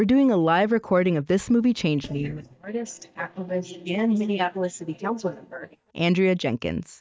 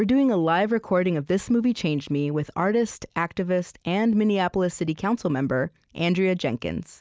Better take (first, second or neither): second